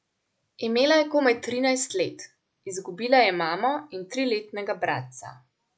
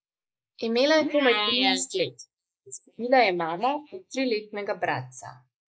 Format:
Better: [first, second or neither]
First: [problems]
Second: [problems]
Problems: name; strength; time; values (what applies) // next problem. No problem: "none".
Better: first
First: none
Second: noise reduction (neural mask model Resemble Enhance denoiser)